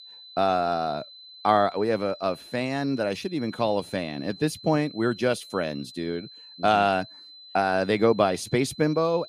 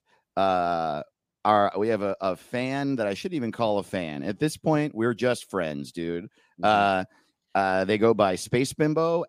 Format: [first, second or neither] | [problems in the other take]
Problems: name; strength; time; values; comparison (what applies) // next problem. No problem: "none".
second | high-pitched whine; noticeable; throughout; 4 kHz, 20 dB below the speech